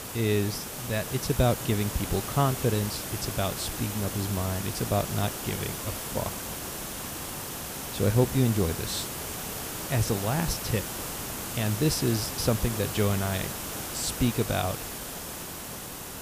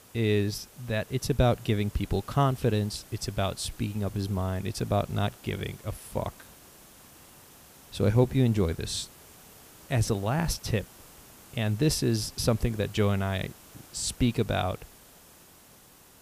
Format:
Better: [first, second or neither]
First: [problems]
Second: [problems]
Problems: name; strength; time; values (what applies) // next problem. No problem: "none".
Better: second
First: hiss; loud; throughout; 5 dB below the speech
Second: hiss; faint; throughout; 20 dB below the speech